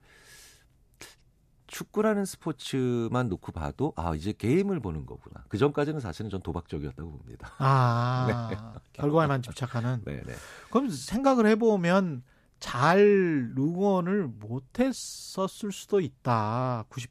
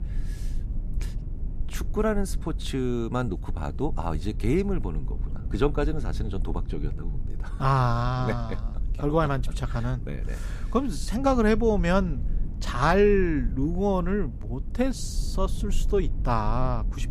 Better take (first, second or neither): first